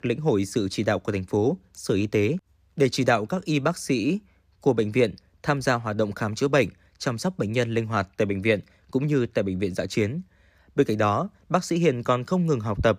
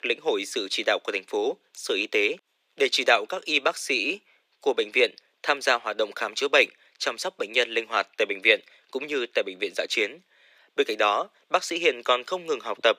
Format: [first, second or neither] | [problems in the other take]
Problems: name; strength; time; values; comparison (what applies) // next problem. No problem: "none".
first | thin; very; fading below 400 Hz